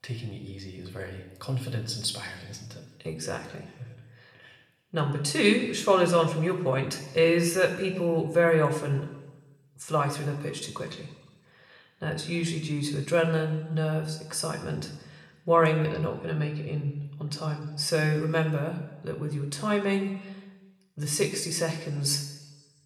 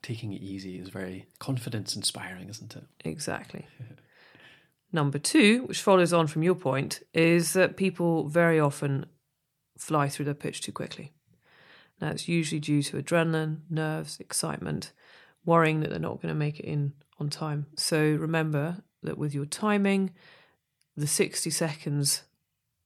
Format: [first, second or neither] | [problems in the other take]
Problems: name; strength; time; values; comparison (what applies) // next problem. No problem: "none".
second | room echo; slight; dies away in 1 s